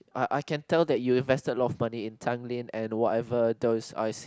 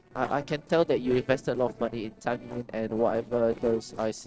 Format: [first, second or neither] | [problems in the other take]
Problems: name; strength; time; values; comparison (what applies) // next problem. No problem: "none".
first | noise reduction (neural separator model SepFormer DNS4)